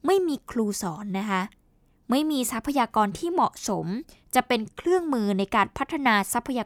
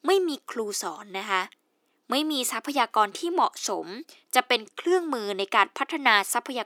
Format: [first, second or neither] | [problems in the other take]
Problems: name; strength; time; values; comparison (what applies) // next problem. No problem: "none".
first | thin; somewhat; fading below 300 Hz